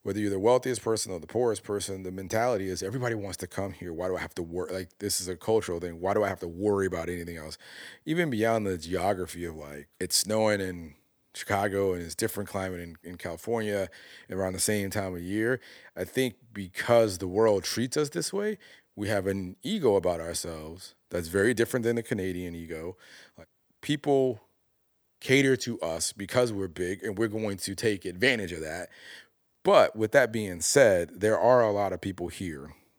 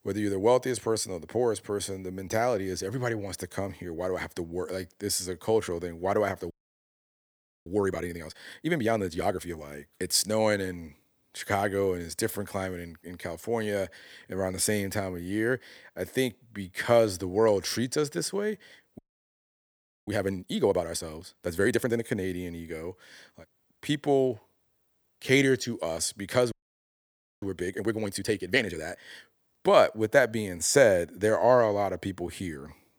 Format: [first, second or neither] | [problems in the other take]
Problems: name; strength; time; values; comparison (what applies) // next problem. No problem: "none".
first | audio freezing; at 6.5 s for 1 s, at 19 s for 1 s and at 27 s for 1 s